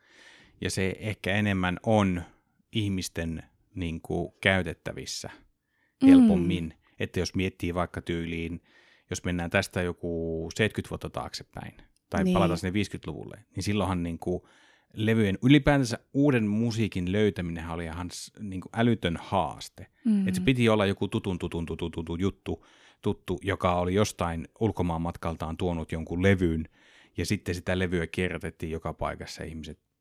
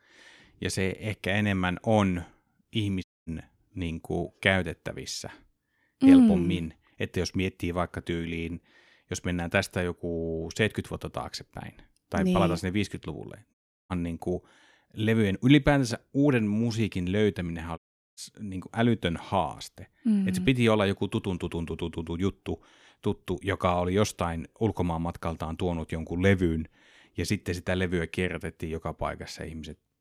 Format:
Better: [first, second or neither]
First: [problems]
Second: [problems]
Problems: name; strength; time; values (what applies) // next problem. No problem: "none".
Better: first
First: none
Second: audio cutting out; at 3 s, at 14 s and at 18 s